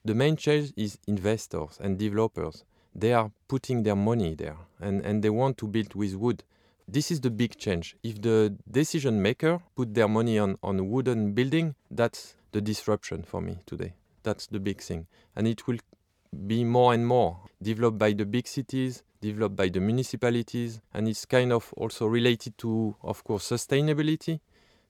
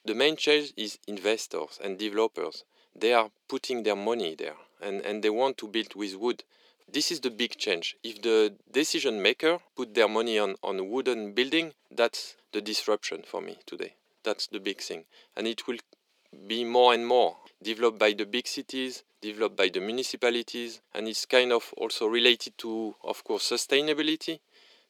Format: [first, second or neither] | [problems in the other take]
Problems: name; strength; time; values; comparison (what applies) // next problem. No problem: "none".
first | thin; somewhat; fading below 300 Hz